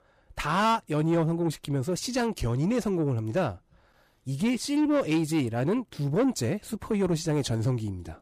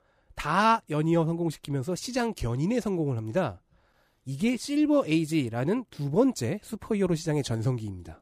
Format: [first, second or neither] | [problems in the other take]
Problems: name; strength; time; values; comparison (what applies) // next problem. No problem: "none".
second | distortion; slight; 10 dB below the speech